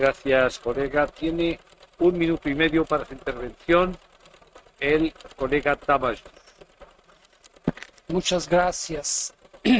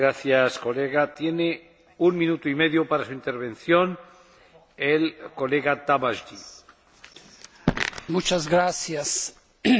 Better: second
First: noise reduction (neural mask model RNNoise)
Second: none

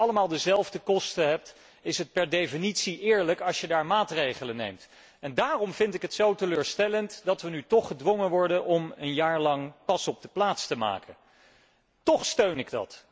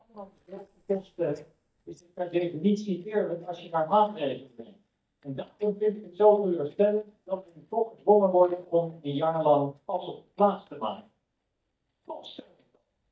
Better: first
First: none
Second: noise reduction (neural mask model DeepFilterNet 3)

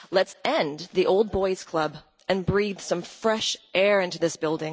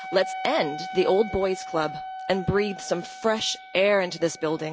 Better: first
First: none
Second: background sound (Wind instrument, woodwind instrument); 12 dB below the speech

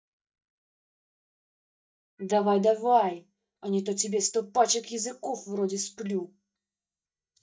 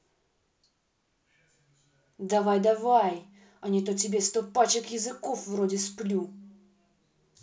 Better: second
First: noise reduction (neural mask model DeepFilterNet 3)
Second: none

